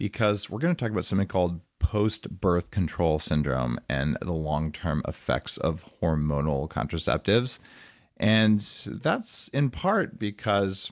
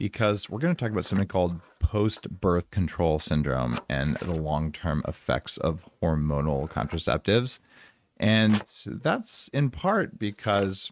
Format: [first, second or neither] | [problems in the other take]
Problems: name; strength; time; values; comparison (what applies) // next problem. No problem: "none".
first | noise reduction (neural mask model RNNoise)